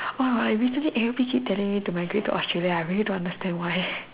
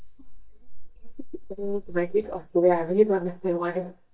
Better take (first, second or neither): first